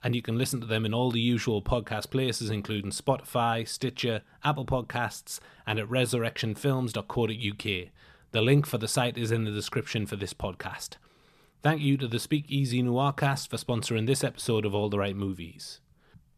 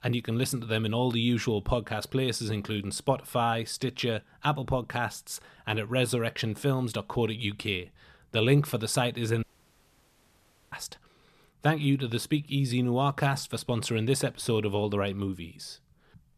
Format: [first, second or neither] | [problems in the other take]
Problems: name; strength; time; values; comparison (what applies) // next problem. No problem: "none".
first | audio cutting out; at 9.5 s for 1.5 s